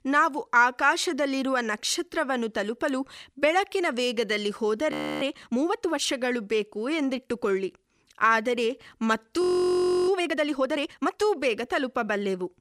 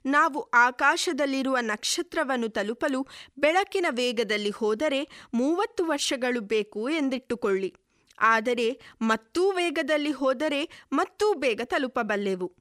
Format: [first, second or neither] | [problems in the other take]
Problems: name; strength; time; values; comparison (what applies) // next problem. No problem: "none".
second | audio freezing; at 5 s and at 9.5 s for 0.5 s